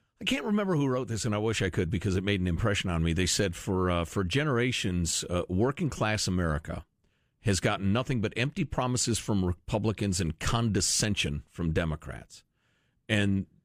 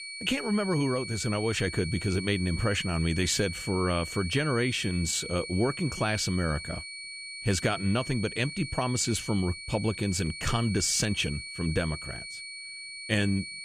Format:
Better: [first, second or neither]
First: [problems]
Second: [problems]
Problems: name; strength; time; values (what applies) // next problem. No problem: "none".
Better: first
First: none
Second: high-pitched whine; loud; throughout; 2.5 kHz, 9 dB below the speech